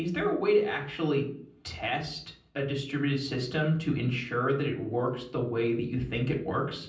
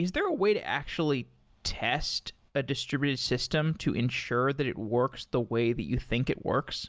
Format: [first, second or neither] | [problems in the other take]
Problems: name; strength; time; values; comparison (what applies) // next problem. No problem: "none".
second | room echo; dies away in 0.6 s